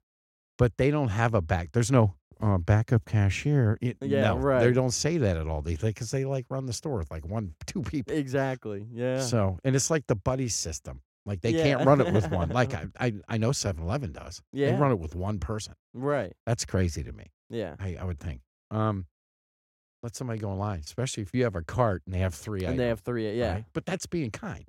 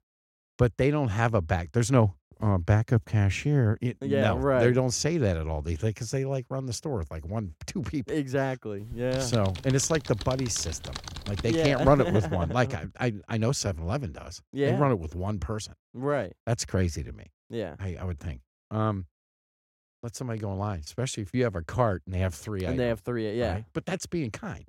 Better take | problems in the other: first | keyboard typing; noticeable; from 9 to 12 s; peak 7 dB below the speech

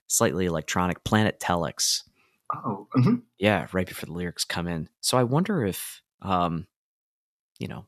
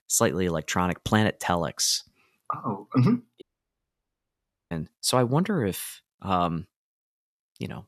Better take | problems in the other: first | audio cutting out; at 3.5 s for 1.5 s

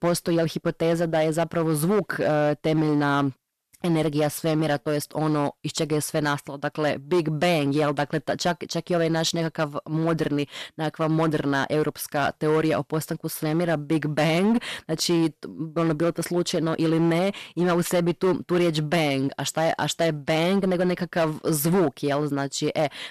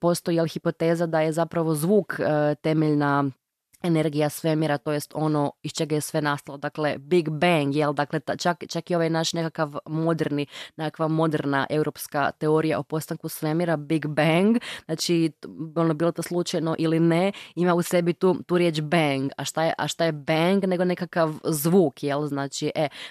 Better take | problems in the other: second | distortion; slight; 9% of the sound clipped

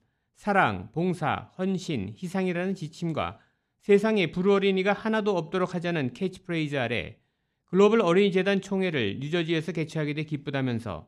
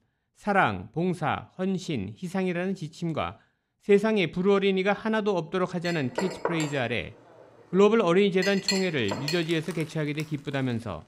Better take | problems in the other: first | household noises; loud; from 6 s on; 8 dB below the speech

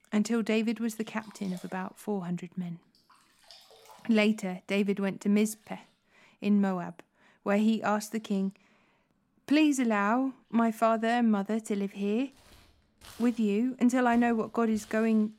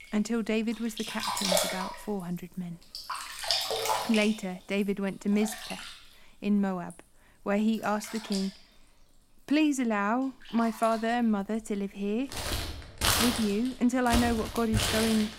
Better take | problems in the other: first | household noises; loud; throughout; 2 dB below the speech; faint in the first

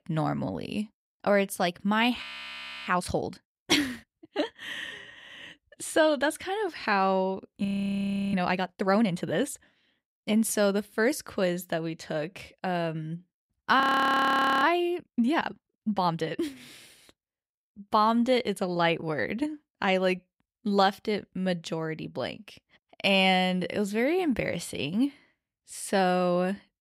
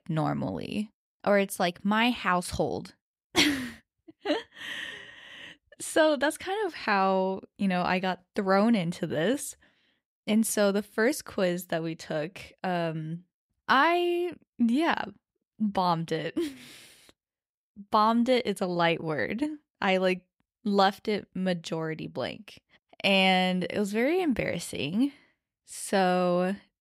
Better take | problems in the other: second | audio freezing; at 2 s for 0.5 s, at 7.5 s for 0.5 s and at 14 s for 1 s

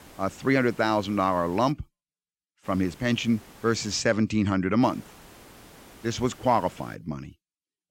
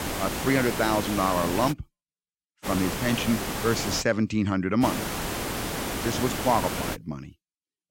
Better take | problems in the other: first | hiss; loud; until 1.5 s, from 2.5 to 4 s and from 5 to 7 s; 4 dB below the speech; faint in the first

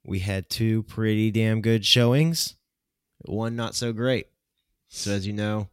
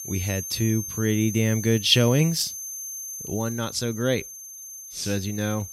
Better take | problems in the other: first | high-pitched whine; loud; throughout; 6.5 kHz, 9 dB below the speech

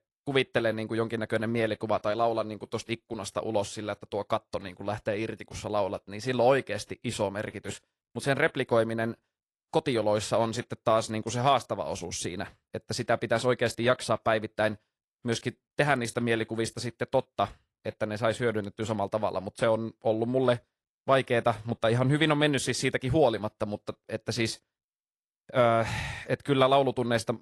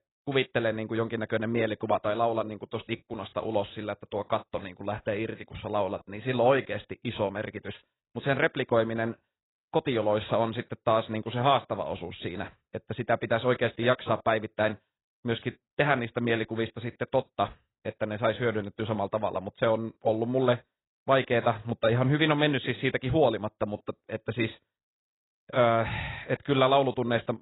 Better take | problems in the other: first | garbled, watery; badly; nothing above 4 kHz; slightly in the first

